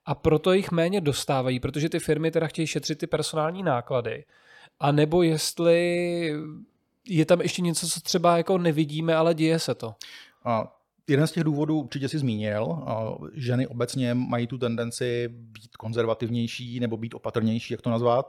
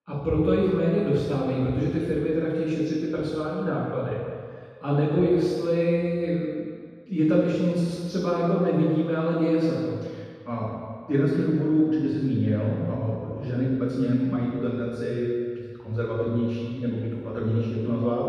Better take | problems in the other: first | room echo; strong; dies away in 1.8 s // off-mic speech; far

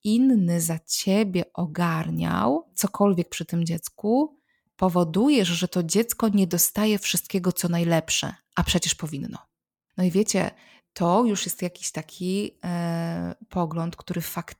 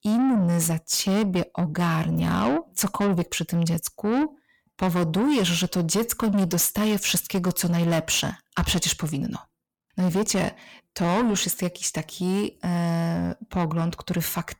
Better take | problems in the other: first | distortion; heavy; 8 dB below the speech

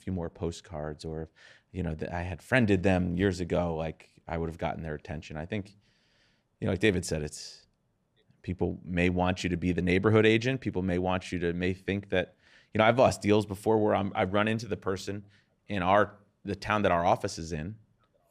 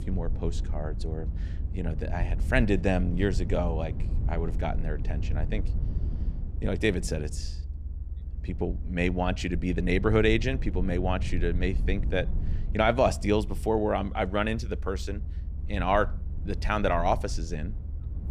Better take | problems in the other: first | low rumble; noticeable; throughout; 20 dB below the speech

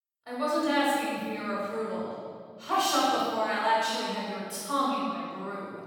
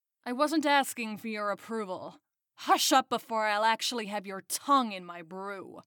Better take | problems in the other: second | off-mic speech; far // room echo; strong; dies away in 2 s

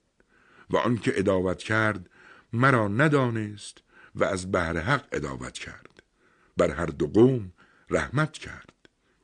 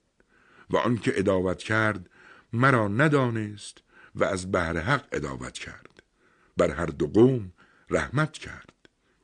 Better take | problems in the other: neither | none

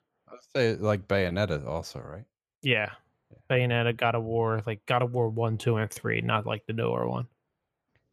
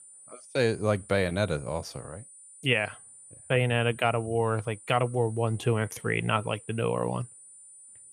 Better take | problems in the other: first | high-pitched whine; noticeable; throughout; 9.5 kHz, 20 dB below the speech

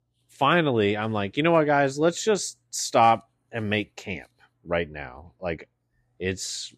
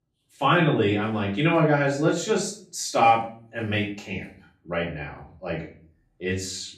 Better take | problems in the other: first | off-mic speech; far // room echo; slight; dies away in 0.4 s

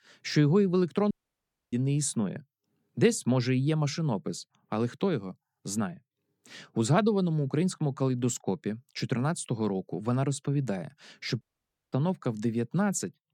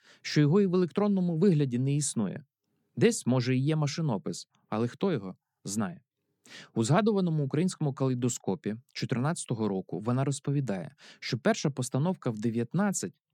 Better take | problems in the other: second | audio cutting out; at 1 s for 0.5 s and at 11 s for 0.5 s

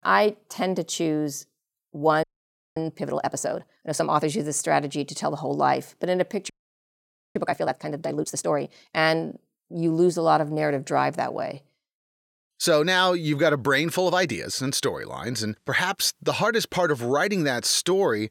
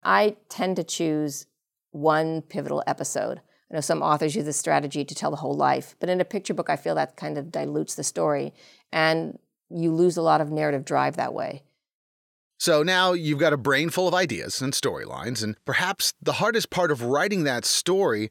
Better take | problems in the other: second | audio freezing; at 2 s for 0.5 s and at 6.5 s for 1 s

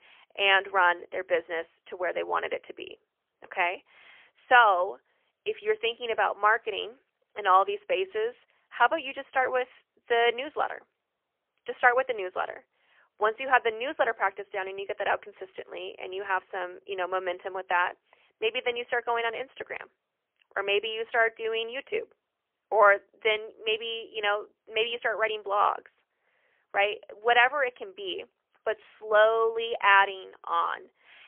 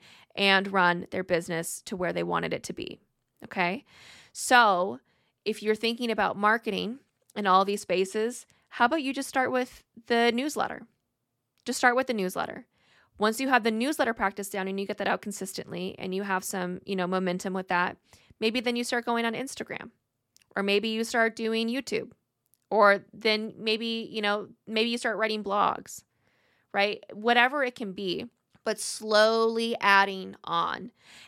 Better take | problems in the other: second | phone-call audio; poor line; nothing above 3 kHz

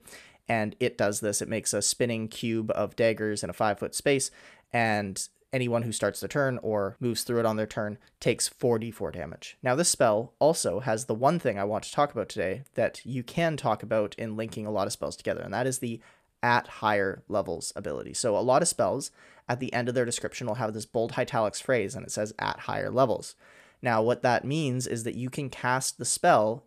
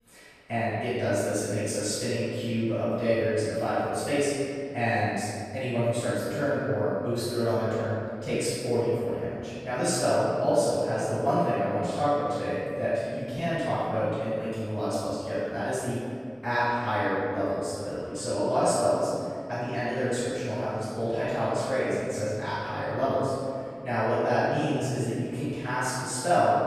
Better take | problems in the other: first | room echo; strong; dies away in 2.2 s // off-mic speech; far

